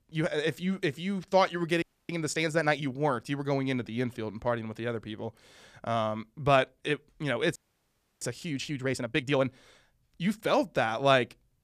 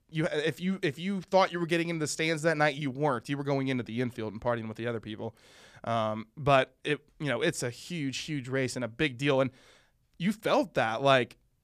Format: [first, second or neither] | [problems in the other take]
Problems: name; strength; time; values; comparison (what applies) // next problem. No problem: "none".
second | audio freezing; at 2 s and at 7.5 s for 0.5 s